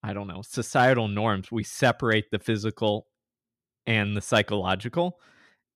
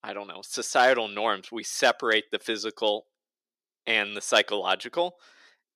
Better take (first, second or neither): first